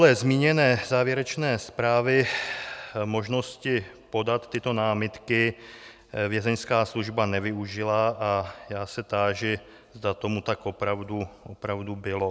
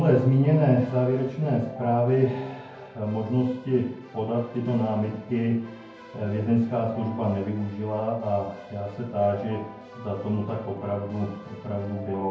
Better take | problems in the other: first | background sound (Keyboard (musical)); 18 dB below the speech // room echo; dies away in 0.9 s

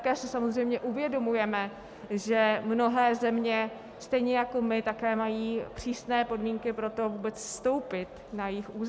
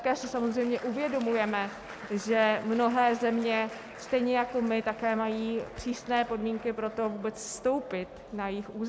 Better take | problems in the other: first | background sound (Applause); 19 dB below the speech

